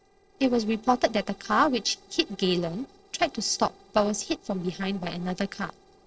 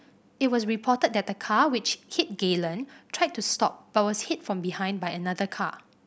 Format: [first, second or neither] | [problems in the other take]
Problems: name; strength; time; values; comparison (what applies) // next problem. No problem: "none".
second | noise reduction (neural separator model SepFormer DNS4)